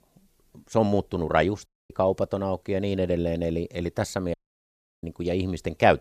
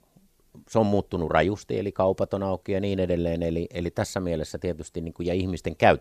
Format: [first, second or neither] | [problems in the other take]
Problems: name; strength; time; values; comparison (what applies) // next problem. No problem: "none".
second | audio cutting out; at 1.5 s and at 4.5 s for 0.5 s